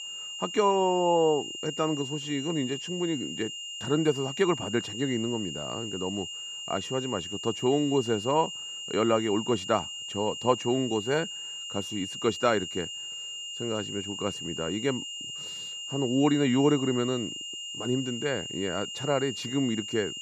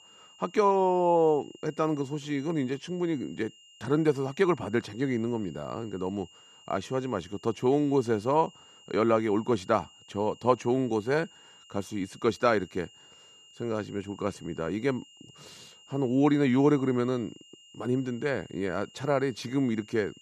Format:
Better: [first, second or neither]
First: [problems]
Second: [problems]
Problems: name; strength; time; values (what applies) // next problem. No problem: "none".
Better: second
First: high-pitched whine; loud; throughout; 3 kHz, 6 dB below the speech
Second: high-pitched whine; faint; throughout; 3 kHz, 25 dB below the speech